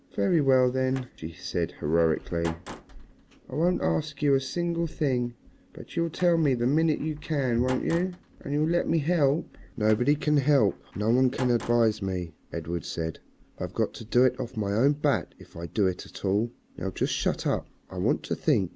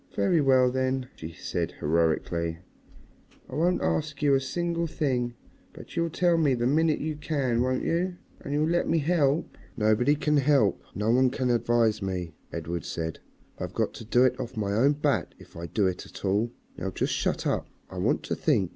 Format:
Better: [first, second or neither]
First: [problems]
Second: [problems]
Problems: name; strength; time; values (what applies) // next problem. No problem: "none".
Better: second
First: background sound (Slam); 18 dB below the speech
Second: none